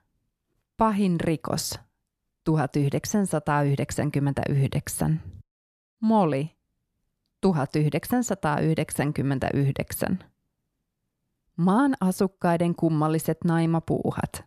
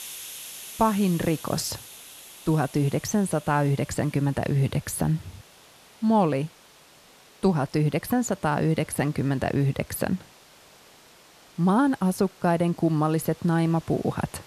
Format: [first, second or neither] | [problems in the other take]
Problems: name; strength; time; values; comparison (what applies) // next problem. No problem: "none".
first | hiss; noticeable; throughout; 20 dB below the speech